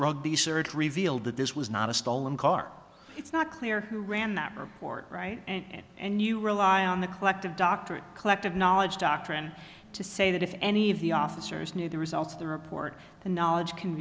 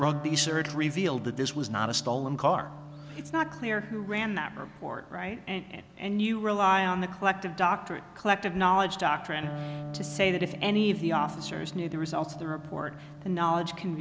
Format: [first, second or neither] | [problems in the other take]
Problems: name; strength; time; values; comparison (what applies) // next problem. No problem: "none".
first | background sound (Electric guitar); 14 dB below the speech